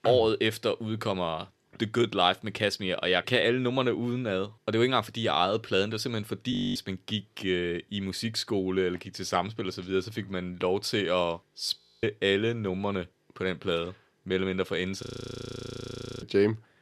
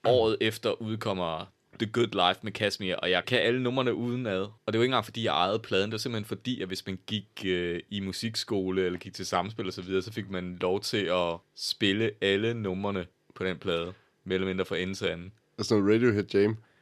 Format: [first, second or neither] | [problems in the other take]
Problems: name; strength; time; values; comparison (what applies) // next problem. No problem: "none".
second | audio freezing; at 6.5 s, at 12 s and at 15 s for 1 s